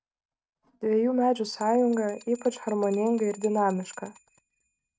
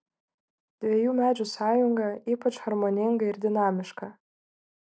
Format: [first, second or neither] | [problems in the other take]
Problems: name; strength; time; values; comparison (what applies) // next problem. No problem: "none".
second | noise reduction (neural mask model RNNoise)